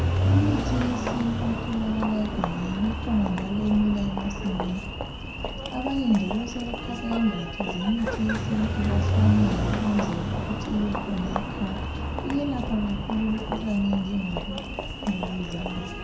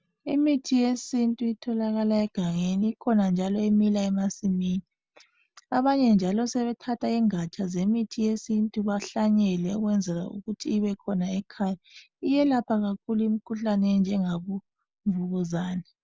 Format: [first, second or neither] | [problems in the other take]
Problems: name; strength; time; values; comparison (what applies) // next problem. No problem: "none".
second | background sound (Engine); as loud as the speech // room echo; dies away in 0.6 s